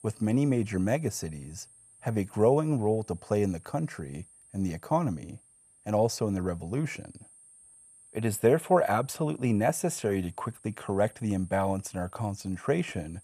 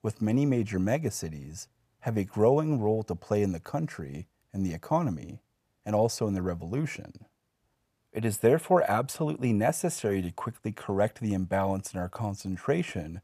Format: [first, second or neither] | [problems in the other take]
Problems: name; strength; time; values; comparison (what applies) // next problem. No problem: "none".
second | high-pitched whine; faint; throughout; 8.5 kHz, 25 dB below the speech